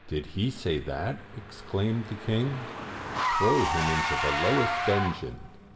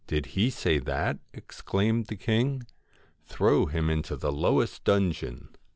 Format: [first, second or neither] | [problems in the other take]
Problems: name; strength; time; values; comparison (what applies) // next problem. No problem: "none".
second | background sound (Engine / Car); 2 dB below the speech // room echo; dies away in 2.9 s